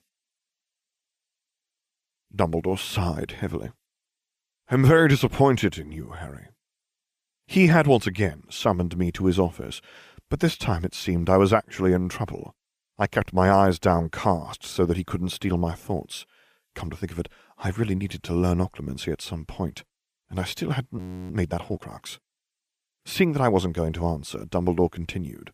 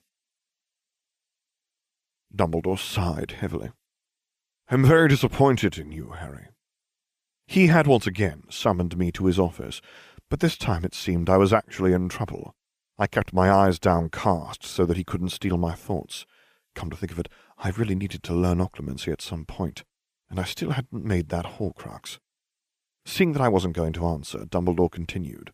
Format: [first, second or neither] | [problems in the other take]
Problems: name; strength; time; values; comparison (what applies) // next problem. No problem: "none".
second | audio freezing; at 21 s